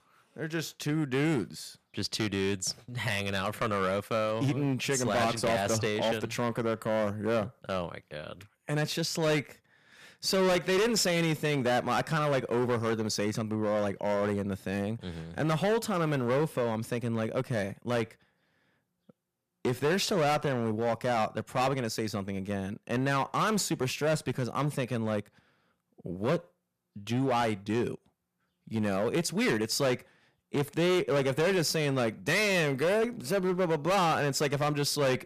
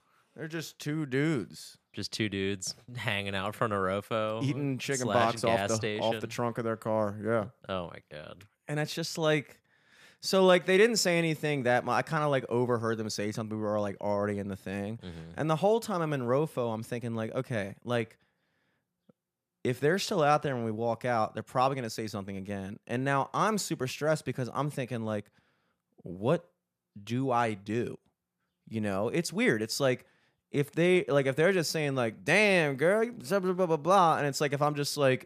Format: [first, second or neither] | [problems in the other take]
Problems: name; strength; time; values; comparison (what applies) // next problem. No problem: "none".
second | distortion; heavy; 12% of the sound clipped